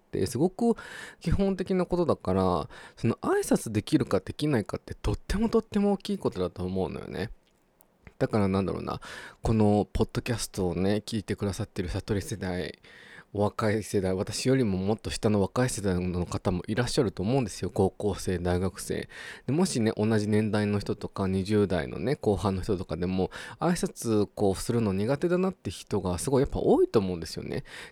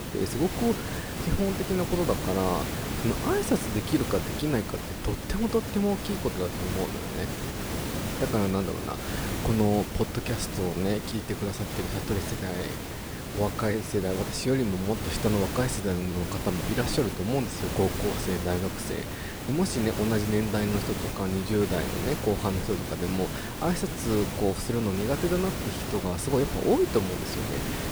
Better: first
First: none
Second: hiss; loud; throughout; 4 dB below the speech

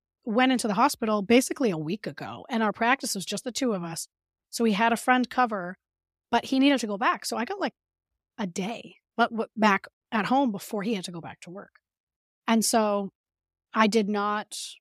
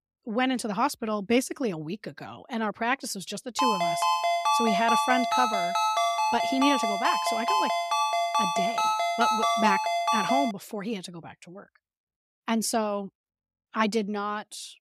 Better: first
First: none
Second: phone ringing; loud; from 3.5 to 11 s; peak 5 dB above the speech

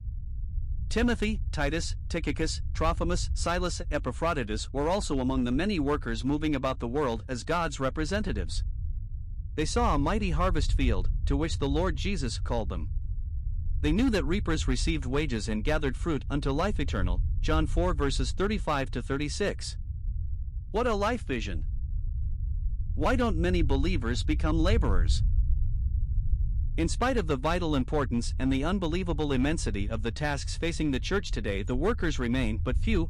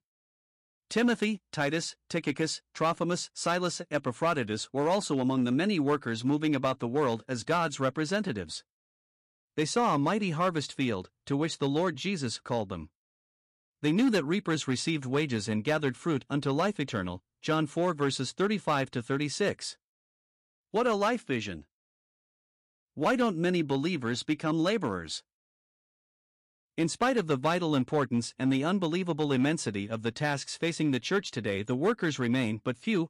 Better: second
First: low rumble; faint; throughout; 20 dB below the speech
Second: none

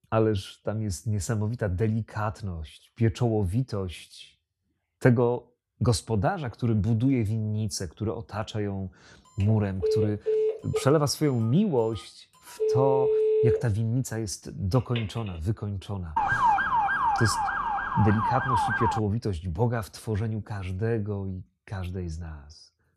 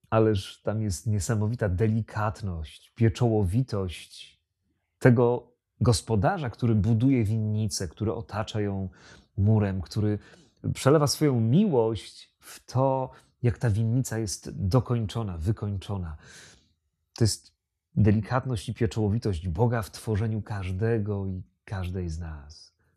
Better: second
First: phone ringing; loud; from 9.5 to 15 s; peak 5 dB above the speech // siren; loud; from 16 to 19 s; peak 6 dB above the speech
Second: none

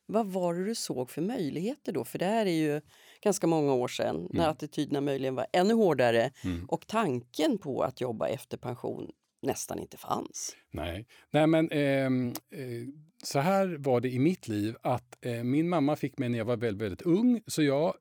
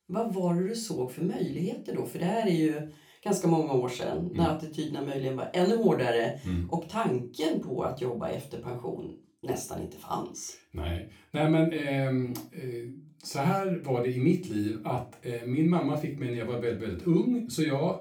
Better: first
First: none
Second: off-mic speech; far // room echo; very slight; dies away in 0.3 s

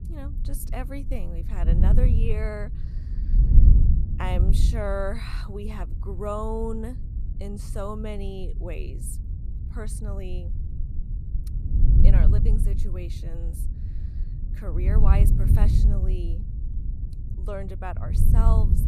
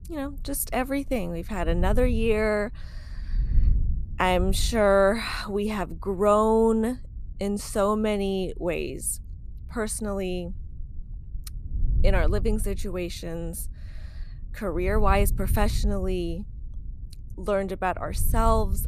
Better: second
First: wind noise on the microphone; heavy; 6 dB below the speech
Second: wind noise on the microphone; occasional gusts; 25 dB below the speech

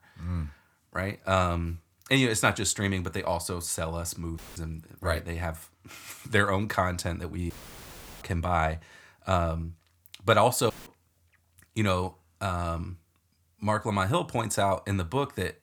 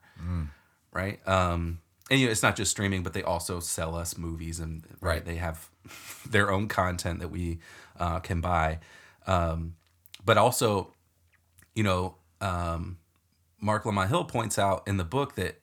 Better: second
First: audio cutting out; filled with static; at 4.5 s, at 7.5 s for 0.5 s and at 11 s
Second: none

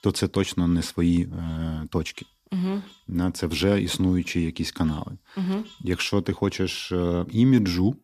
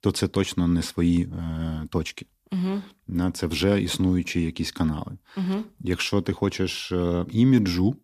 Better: second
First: animal sounds; faint; throughout; 30 dB below the speech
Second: none

